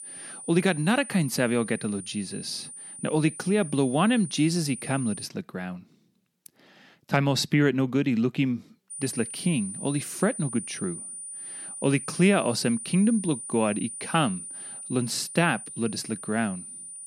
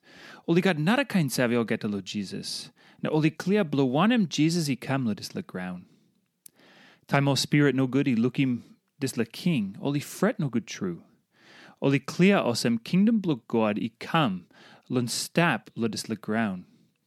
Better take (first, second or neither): second